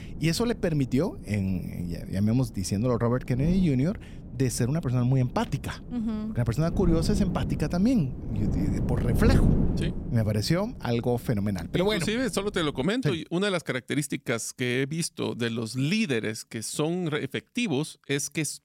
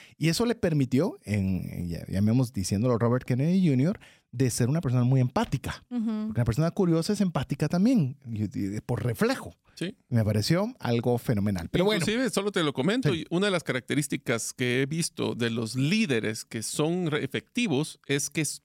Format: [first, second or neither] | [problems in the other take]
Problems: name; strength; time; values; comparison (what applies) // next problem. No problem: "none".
second | wind noise on the microphone; heavy; until 13 s; 9 dB below the speech